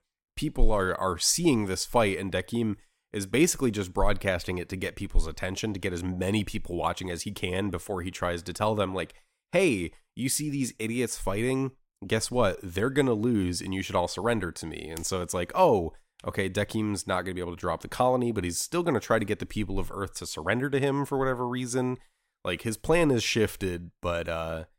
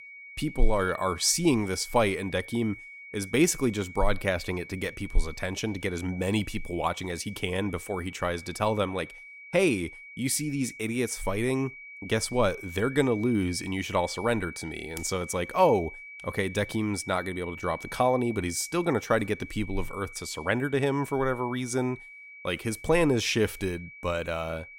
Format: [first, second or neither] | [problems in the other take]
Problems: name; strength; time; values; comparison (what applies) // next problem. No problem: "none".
first | high-pitched whine; noticeable; throughout; 2.5 kHz, 15 dB below the speech